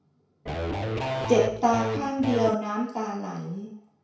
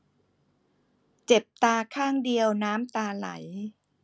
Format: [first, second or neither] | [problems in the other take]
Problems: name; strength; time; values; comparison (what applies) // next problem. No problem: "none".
second | background sound (Electric guitar / Bass guitar); 2 dB below the speech // room echo; dies away in 0.5 s